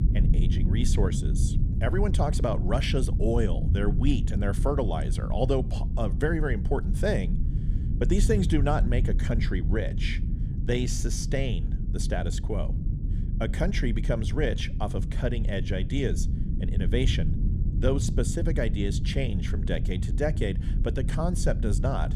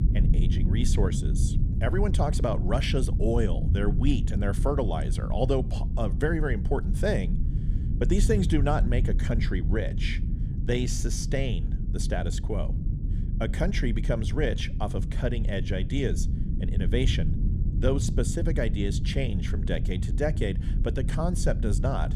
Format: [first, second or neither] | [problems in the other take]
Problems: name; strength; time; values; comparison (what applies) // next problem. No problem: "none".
neither | low rumble; loud; throughout; 10 dB below the speech; the same in both